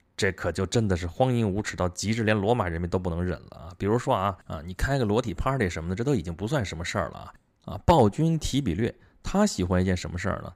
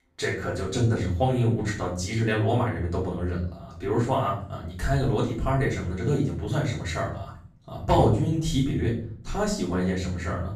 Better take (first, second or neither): first